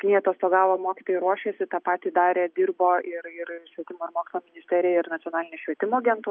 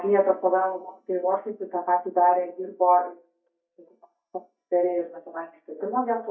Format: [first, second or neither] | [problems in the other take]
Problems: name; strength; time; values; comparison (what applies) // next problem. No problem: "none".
first | noise reduction (neural mask model DeepFilterNet 3)